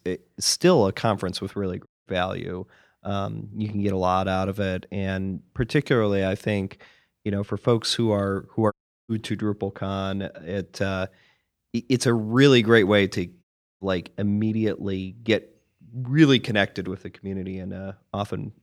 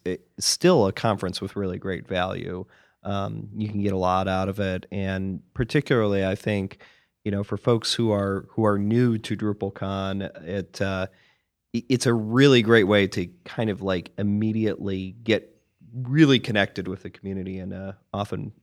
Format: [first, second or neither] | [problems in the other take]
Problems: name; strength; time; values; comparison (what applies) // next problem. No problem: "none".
second | audio cutting out; at 2 s, at 8.5 s and at 13 s